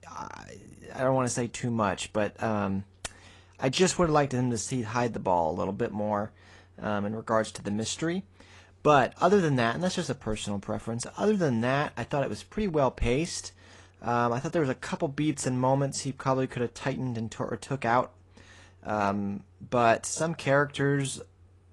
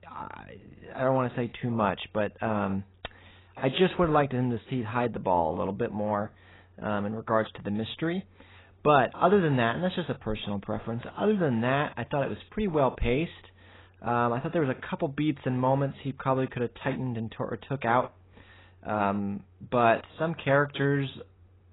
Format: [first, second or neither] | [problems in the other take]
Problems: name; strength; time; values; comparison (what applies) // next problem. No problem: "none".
first | garbled, watery; badly; nothing above 4 kHz; slightly in the first